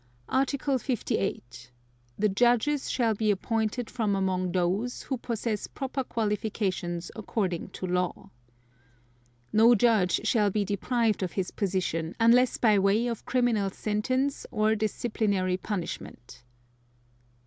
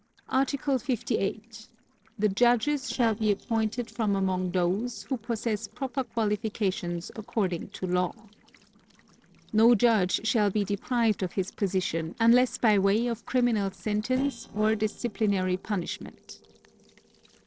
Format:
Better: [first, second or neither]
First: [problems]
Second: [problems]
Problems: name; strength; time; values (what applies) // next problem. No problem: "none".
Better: first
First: none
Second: noise reduction (neural separator model SepFormer DNS4)